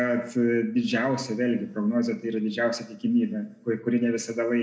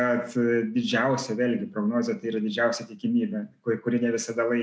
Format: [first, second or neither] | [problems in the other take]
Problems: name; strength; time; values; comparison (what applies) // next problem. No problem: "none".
second | room echo; dies away in 0.9 s